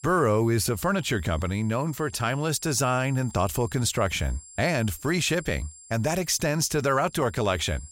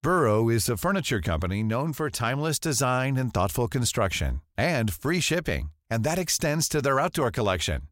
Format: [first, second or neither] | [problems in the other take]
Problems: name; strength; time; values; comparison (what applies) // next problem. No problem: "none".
second | high-pitched whine; faint; throughout; 7.5 kHz, 20 dB below the speech